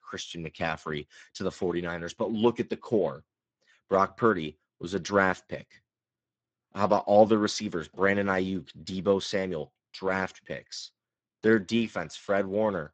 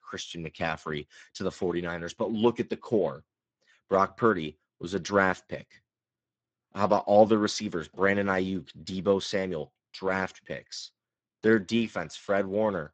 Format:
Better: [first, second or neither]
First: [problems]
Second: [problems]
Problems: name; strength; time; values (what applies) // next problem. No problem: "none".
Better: neither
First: garbled, watery; badly; nothing above 7.5 kHz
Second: garbled, watery; badly; nothing above 7.5 kHz